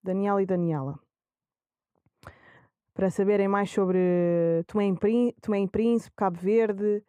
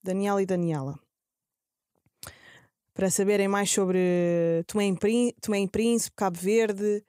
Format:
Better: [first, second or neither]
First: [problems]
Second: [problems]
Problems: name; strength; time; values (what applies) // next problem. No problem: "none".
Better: second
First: muffled; very; fading above 3 kHz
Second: none